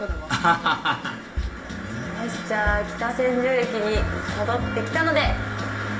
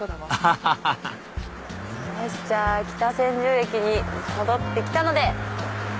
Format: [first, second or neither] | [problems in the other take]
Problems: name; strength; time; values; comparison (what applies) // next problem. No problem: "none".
second | room echo; dies away in 0.6 s